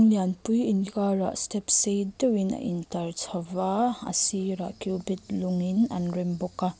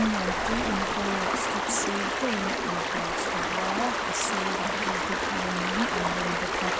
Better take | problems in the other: first | background sound (Stream); 5 dB above the speech

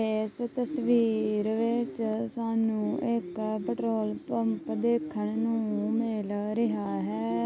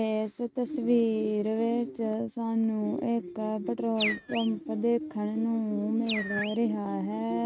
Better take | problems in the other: first | noise reduction (neural mask model RNNoise)

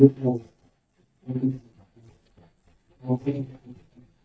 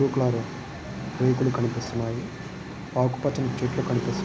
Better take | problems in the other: second | noise reduction (neural mask model DeepFilterNet 3)

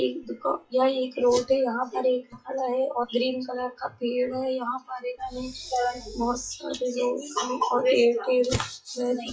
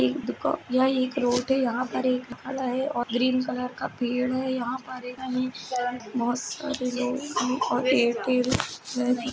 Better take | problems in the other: second | noise reduction (classical method WPE with log-MMSE)

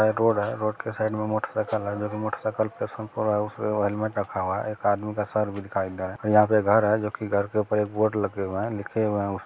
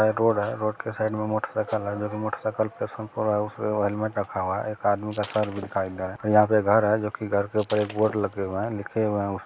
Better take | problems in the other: first | background sound (Shatter); 18 dB below the speech

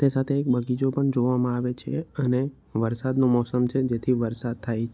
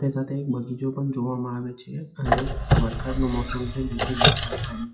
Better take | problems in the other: first | noise reduction (classical method WPE with log-MMSE)

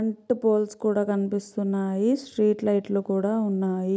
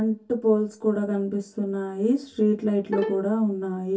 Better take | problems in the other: first | background sound (Bowed string instrument); 8 dB below the speech // room echo; dies away in 0.2 s

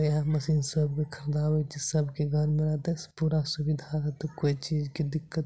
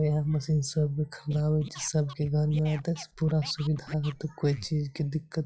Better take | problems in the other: first | noise reduction (classical method log-MMSE)

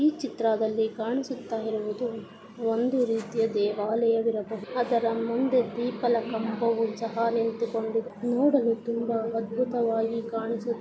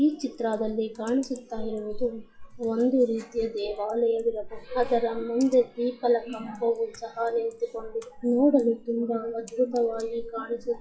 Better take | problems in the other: first | noise reduction (classical method WPE with log-MMSE)

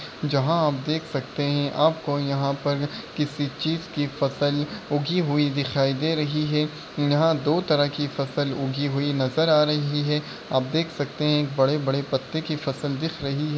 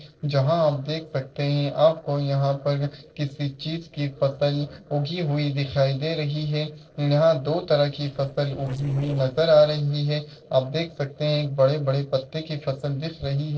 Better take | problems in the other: first | noise reduction (neural separator model SepFormer DNS4)

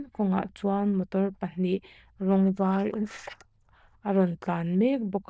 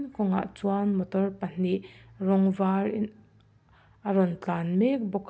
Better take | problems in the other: second | noise reduction (neural diffusion model UNIVERSE++)

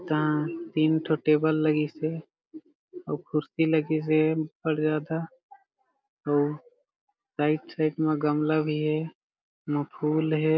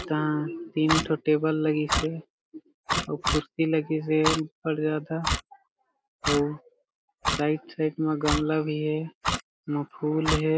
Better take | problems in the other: first | background sound (Clock); 5 dB below the speech

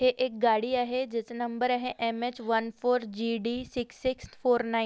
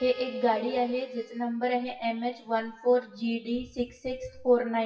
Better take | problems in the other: first | noise reduction (classical method WPE with log-MMSE)

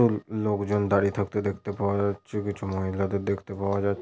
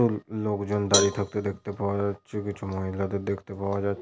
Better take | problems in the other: first | background sound (Cowbell); 5 dB below the speech

